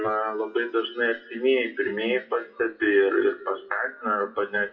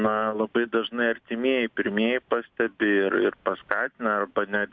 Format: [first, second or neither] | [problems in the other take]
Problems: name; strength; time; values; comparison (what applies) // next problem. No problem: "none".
second | noise reduction (classical method WPE with log-MMSE)